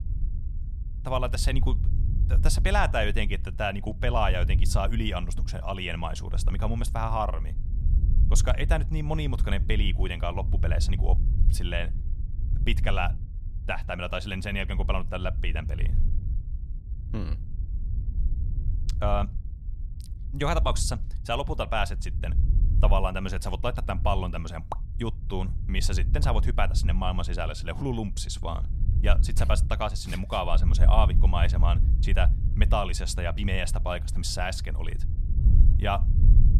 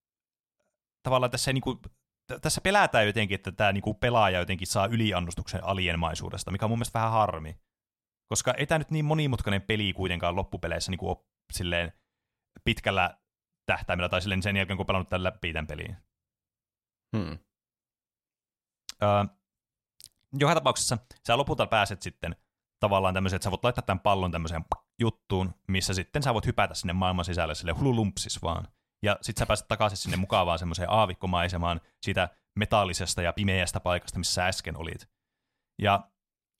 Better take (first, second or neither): second